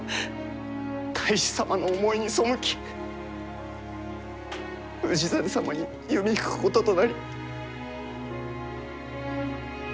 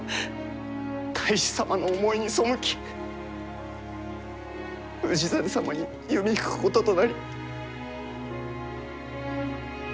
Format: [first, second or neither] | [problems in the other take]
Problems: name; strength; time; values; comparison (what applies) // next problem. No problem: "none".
second | background sound (Clapping); 19 dB below the speech